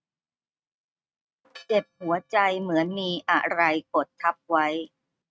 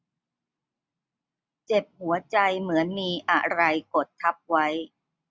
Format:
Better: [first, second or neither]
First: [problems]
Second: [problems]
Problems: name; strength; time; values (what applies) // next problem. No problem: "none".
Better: second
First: noise reduction (neural mask model RNNoise)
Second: none